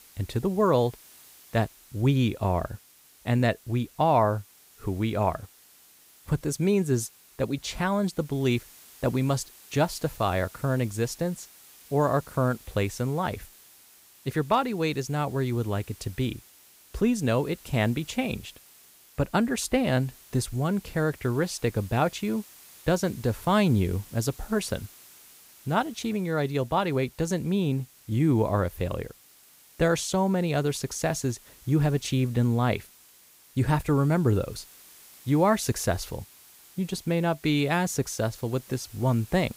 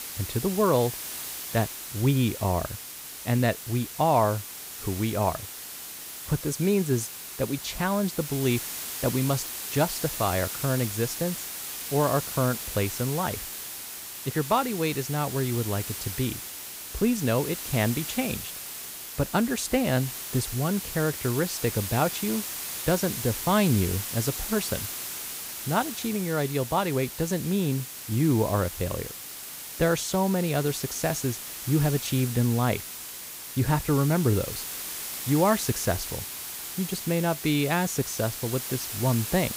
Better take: first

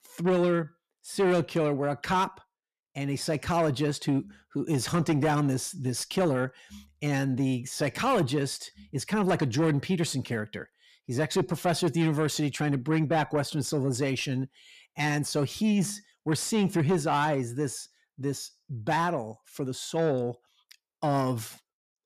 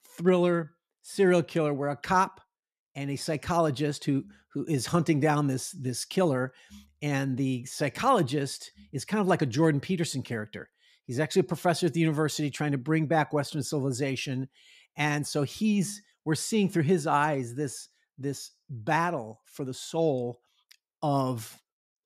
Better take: second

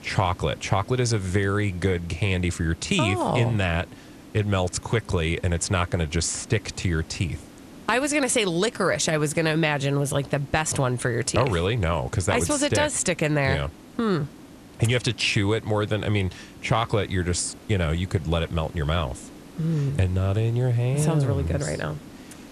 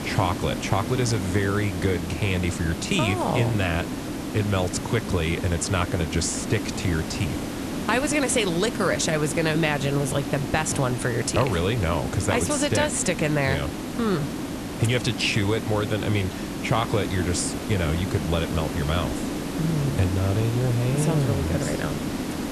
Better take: first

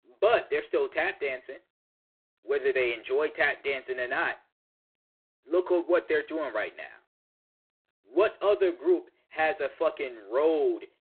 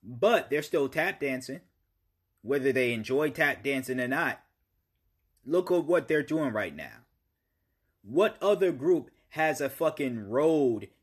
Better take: second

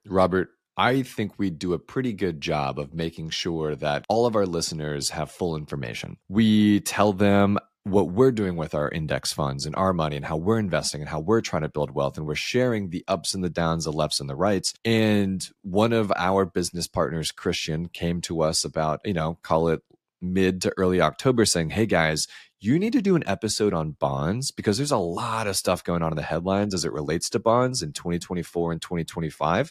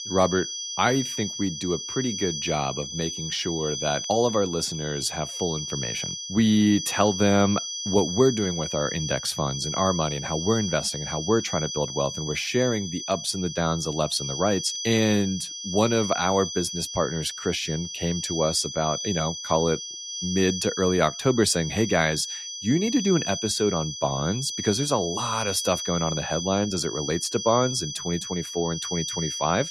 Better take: first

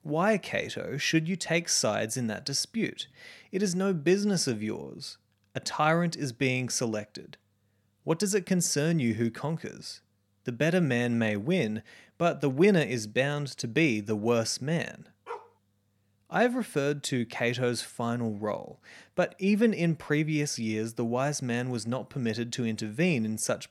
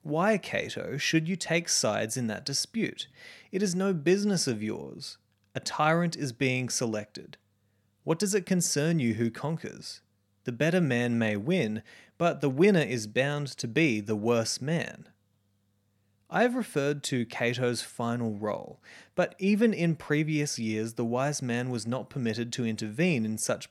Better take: second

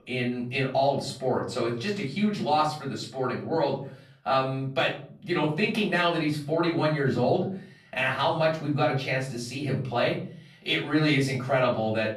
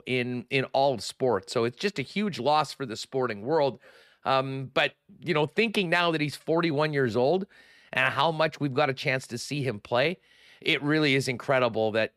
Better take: second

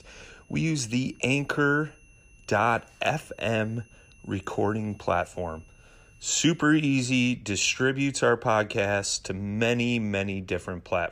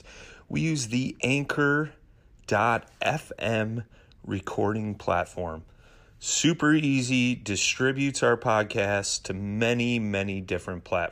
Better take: second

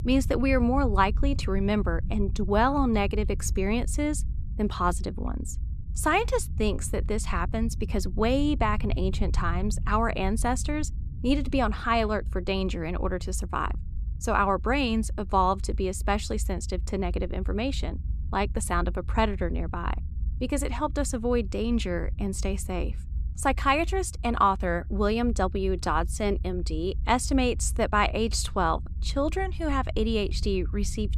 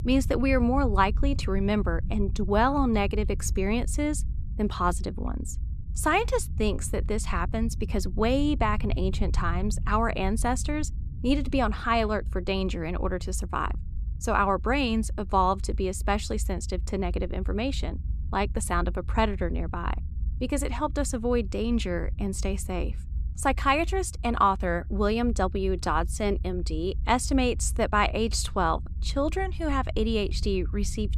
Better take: neither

